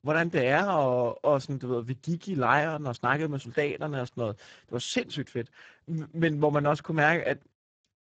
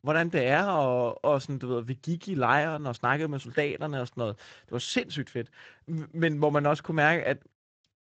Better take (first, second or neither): second